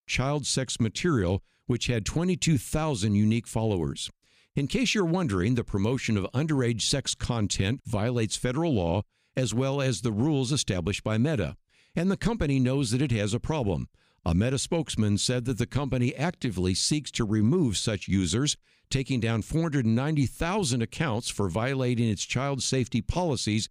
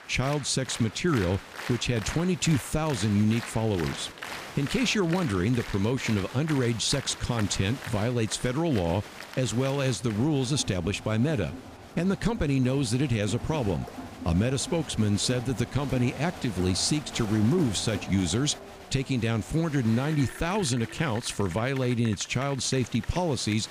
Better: first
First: none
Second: crowd noise; noticeable; throughout; 15 dB below the speech

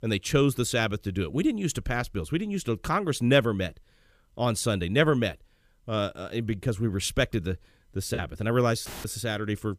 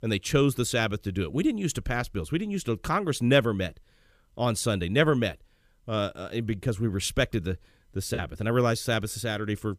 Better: second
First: audio cutting out; filled with static; at 9 s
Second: none

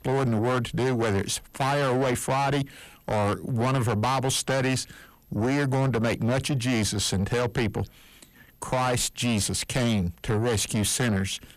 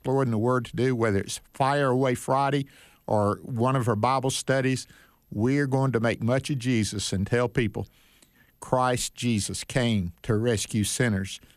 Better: second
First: distortion; heavy; 7 dB below the speech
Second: none

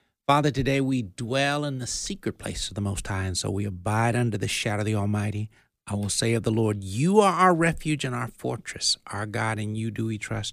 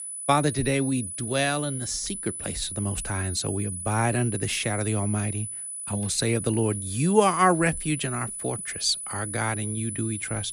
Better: first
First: none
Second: high-pitched whine; loud; throughout; 10 kHz, 6 dB below the speech

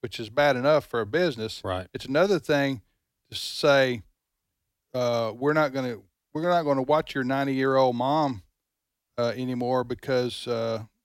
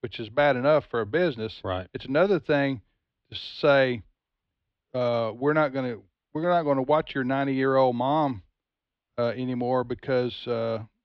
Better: first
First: none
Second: muffled; slightly; fading above 3.5 kHz

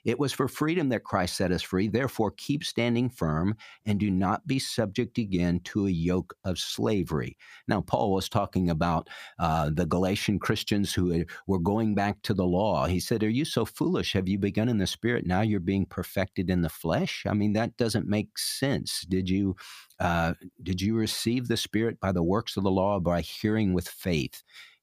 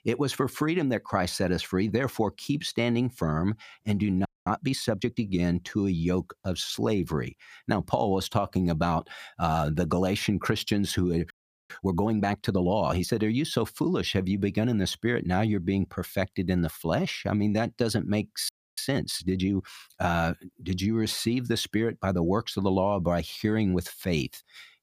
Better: first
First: none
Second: audio freezing; at 4.5 s, at 11 s and at 18 s

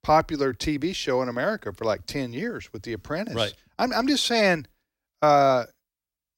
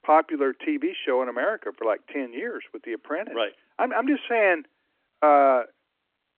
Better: first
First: none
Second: phone-call audio

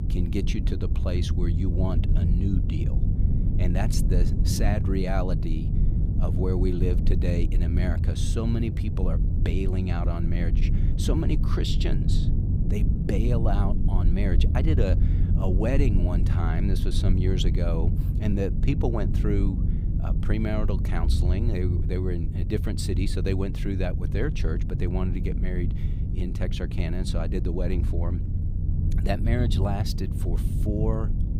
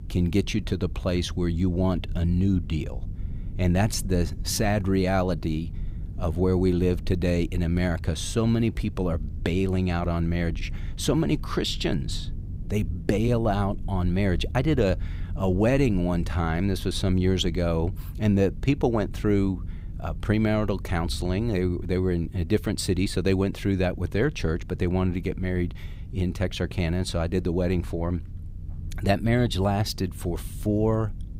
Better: second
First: low rumble; loud; throughout; 6 dB below the speech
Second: low rumble; faint; throughout; 20 dB below the speech

